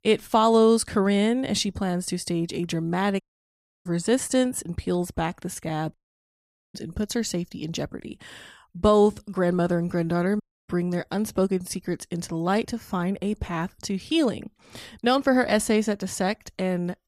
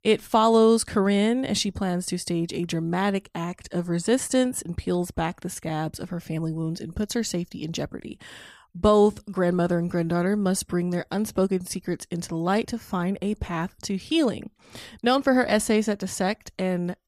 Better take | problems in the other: second | audio cutting out; at 3 s for 0.5 s, at 6 s for 1 s and at 10 s

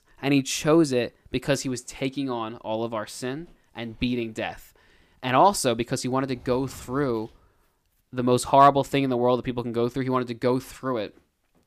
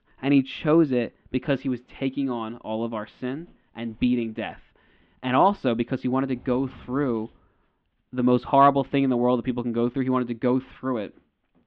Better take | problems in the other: first | muffled; very; fading above 3.5 kHz

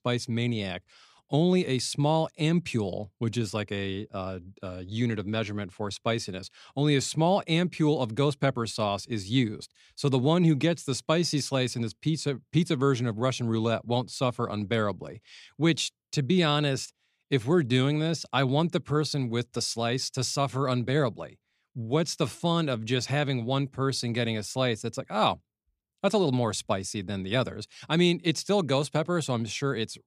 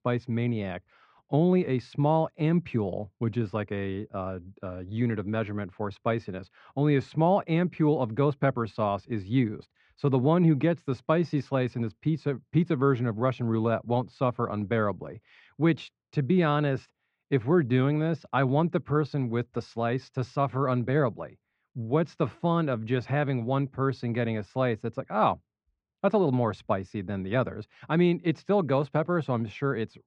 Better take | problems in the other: first | muffled; very; fading above 1.5 kHz

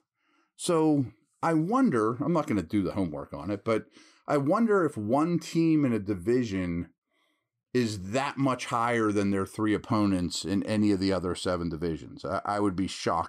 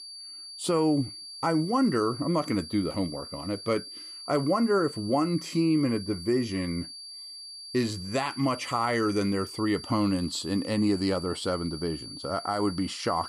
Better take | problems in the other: first | high-pitched whine; noticeable; throughout; 4.5 kHz, 10 dB below the speech

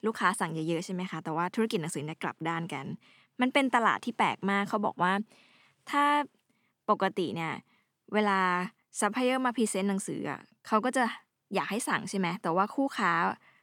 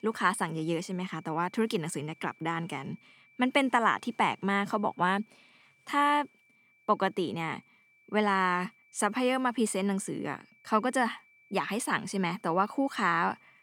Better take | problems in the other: first | high-pitched whine; faint; throughout; 2.5 kHz, 30 dB below the speech

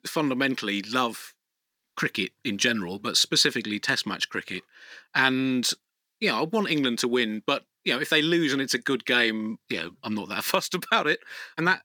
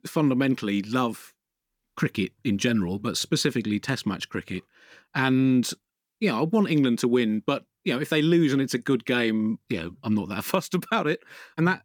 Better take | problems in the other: second | thin; somewhat; fading below 500 Hz

